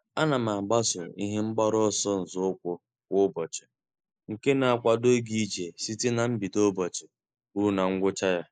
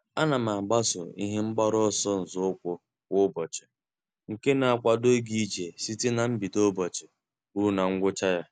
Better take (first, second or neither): second